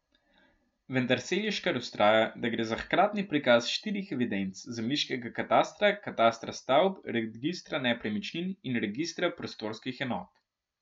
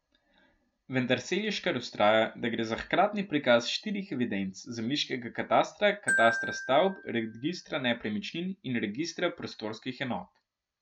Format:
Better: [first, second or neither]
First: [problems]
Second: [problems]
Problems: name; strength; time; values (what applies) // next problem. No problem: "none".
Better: first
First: none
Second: background sound (Glockenspiel); 6 dB below the speech